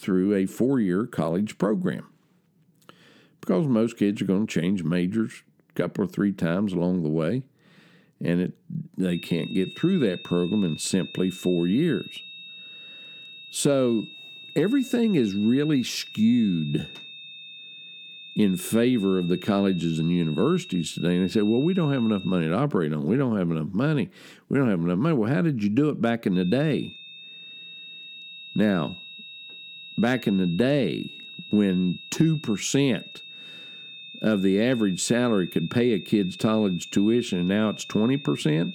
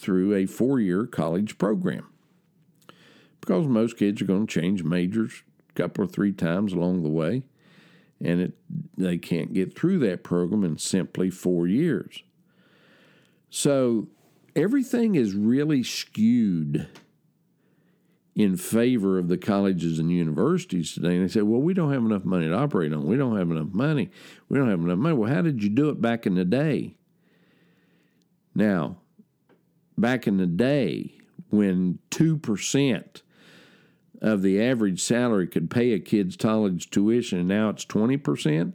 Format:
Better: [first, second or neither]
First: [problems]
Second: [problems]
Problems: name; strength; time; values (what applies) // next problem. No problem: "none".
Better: second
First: high-pitched whine; noticeable; from 9 to 22 s and from 26 s on; 3.5 kHz, 15 dB below the speech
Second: none